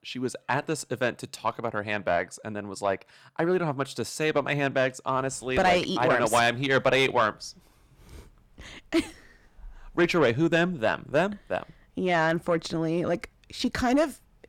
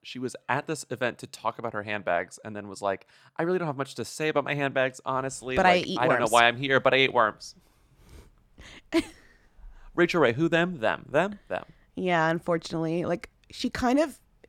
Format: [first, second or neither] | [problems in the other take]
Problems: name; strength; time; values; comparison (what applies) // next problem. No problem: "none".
second | distortion; slight; 10 dB below the speech